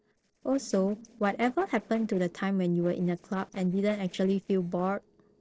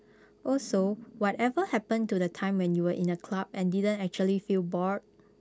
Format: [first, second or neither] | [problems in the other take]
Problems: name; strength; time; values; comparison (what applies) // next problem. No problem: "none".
second | noise reduction (neural separator model SepFormer DNS4)